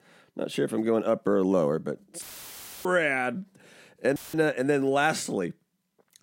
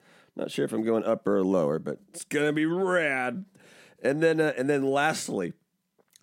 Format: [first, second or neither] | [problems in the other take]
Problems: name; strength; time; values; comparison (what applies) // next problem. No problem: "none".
second | audio cutting out; filled with static; at 2 s for 0.5 s and at 4 s